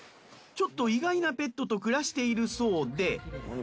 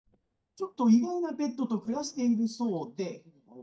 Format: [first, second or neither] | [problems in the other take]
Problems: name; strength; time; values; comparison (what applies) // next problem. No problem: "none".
first | noise reduction (neural mask model DeepFilterNet 3)